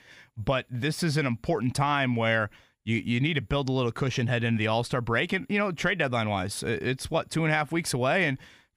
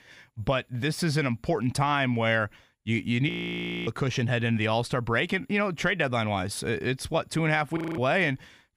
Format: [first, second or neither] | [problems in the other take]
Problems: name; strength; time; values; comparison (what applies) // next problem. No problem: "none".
first | audio freezing; at 3.5 s for 0.5 s and at 8 s